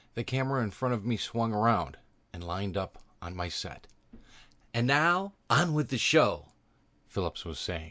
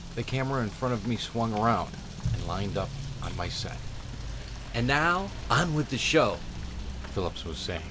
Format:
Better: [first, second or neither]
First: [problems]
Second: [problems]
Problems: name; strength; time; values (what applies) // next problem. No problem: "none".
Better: first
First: none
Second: background sound (Motor vehicle (road) / Rain); 7 dB below the speech